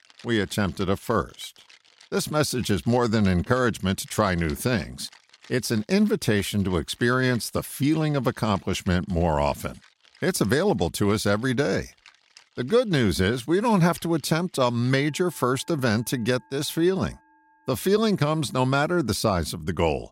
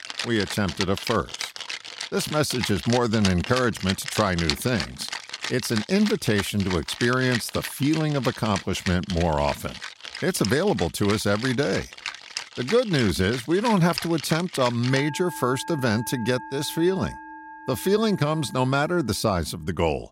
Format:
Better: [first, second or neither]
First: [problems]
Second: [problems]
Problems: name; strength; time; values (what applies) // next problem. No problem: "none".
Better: first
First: background music; faint; throughout; 30 dB below the speech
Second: background music; loud; throughout; 9 dB below the speech